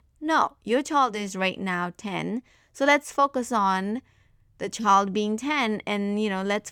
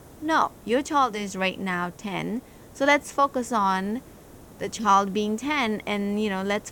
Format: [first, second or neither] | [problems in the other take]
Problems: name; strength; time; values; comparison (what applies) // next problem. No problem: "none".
first | hiss; faint; throughout; 25 dB below the speech